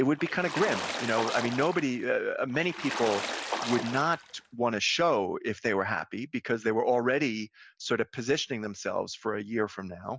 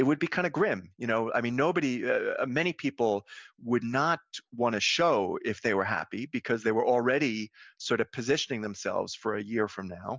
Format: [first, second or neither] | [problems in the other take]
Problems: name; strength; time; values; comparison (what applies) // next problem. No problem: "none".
second | background sound (Water / Splash, splatter); 6 dB below the speech